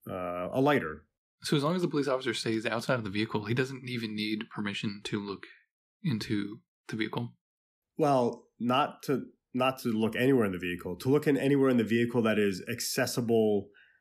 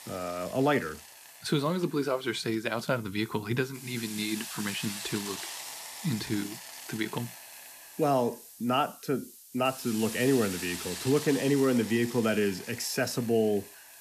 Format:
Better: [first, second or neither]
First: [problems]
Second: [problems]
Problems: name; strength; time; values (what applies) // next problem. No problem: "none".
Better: first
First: none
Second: hiss; noticeable; throughout; 10 dB below the speech